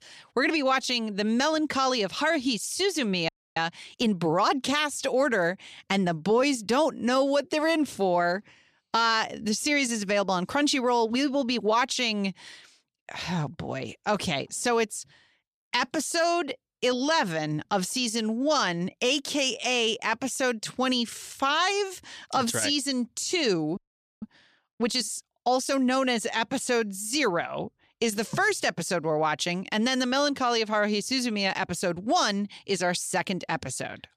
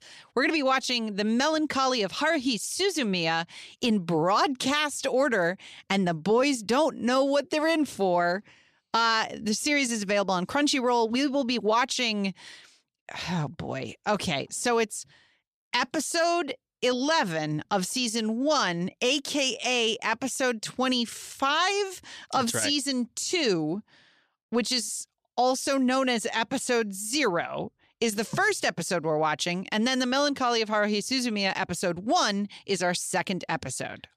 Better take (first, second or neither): second